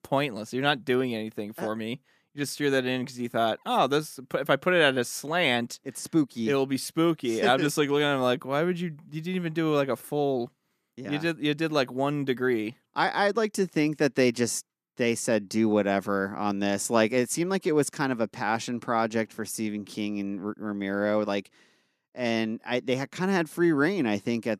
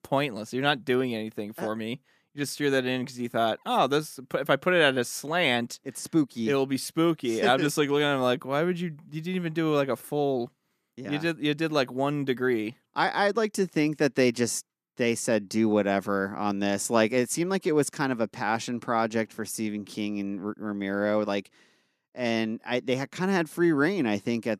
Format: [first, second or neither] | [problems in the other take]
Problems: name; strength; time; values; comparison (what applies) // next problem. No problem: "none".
neither | none